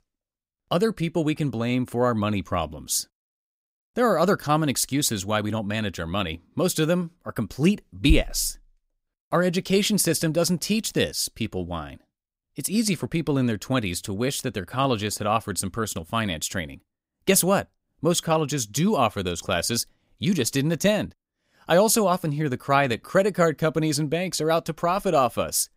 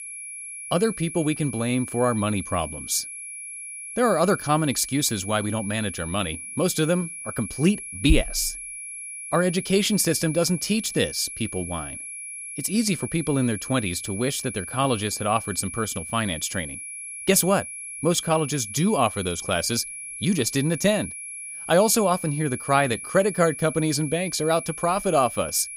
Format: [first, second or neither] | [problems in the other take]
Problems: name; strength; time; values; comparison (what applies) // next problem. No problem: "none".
first | high-pitched whine; loud; throughout; 10.5 kHz, 9 dB below the speech